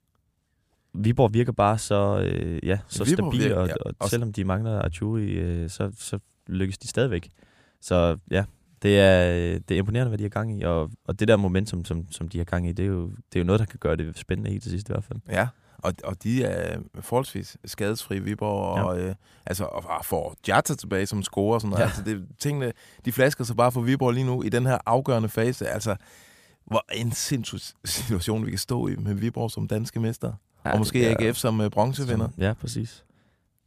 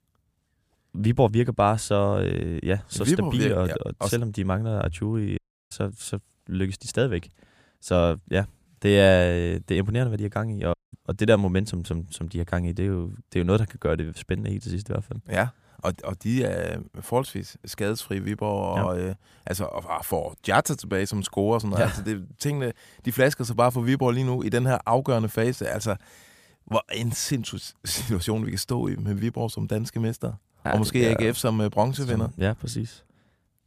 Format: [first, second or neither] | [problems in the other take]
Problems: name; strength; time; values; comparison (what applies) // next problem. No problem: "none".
first | audio cutting out; at 5.5 s and at 11 s